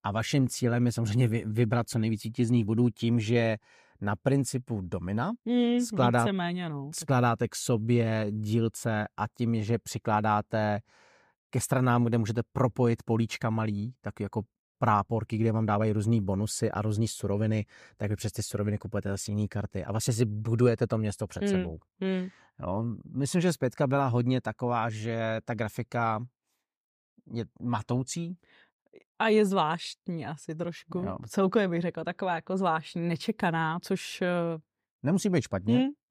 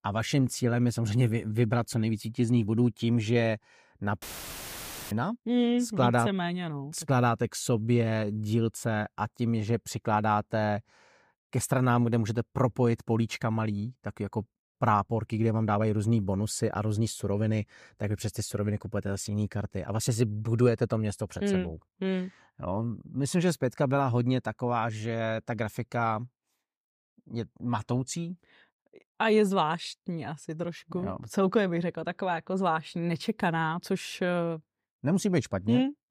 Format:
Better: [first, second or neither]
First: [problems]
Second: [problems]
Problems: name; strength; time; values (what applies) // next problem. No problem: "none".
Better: first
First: none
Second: audio cutting out; filled with static; at 4 s for 1 s